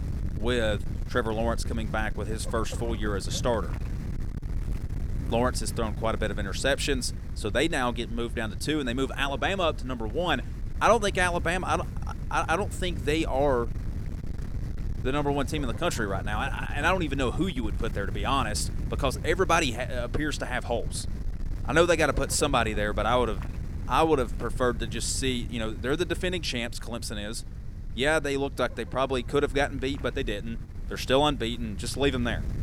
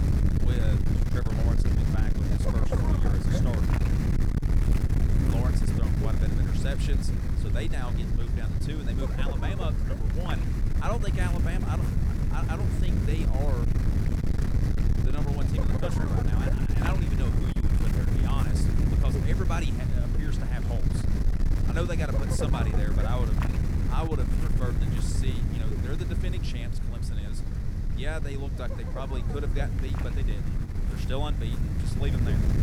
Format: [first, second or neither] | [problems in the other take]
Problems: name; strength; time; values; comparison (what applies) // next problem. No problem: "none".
first | wind noise on the microphone; heavy; 1 dB above the speech; occasional gusts in the first